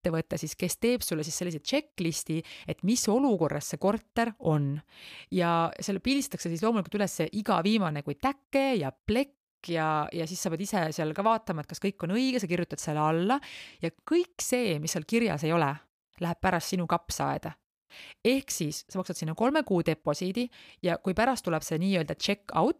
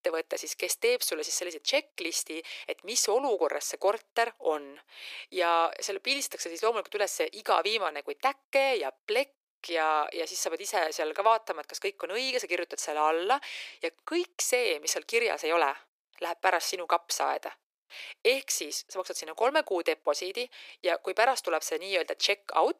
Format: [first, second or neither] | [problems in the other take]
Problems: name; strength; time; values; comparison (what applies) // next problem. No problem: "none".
first | thin; very; fading below 400 Hz